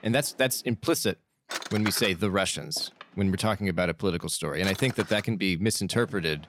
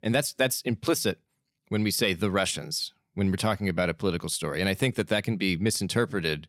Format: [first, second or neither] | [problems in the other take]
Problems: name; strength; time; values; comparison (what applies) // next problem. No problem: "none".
second | household noises; noticeable; throughout; 10 dB below the speech